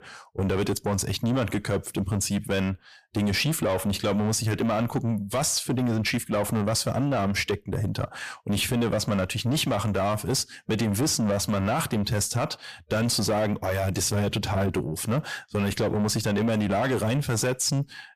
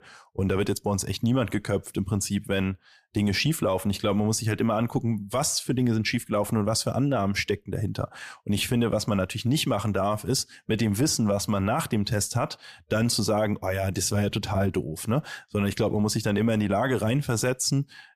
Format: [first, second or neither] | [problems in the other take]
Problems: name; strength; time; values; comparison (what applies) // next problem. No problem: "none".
second | distortion; slight; 10 dB below the speech